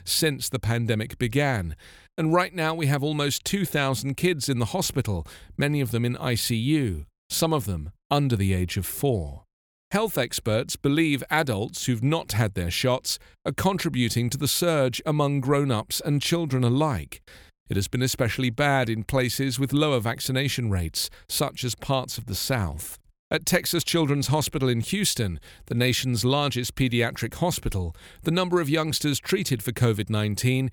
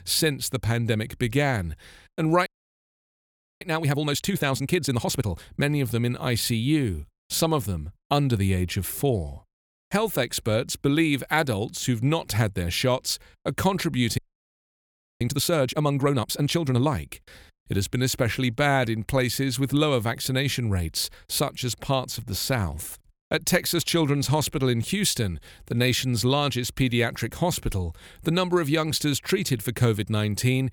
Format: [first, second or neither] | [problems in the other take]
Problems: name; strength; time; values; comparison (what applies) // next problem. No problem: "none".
first | audio freezing; at 2.5 s for 1 s and at 14 s for 1 s